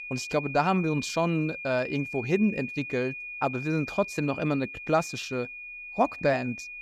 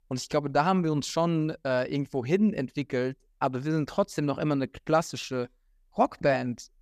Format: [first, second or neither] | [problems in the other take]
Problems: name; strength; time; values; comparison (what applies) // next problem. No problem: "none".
second | high-pitched whine; loud; throughout; 2.5 kHz, 8 dB below the speech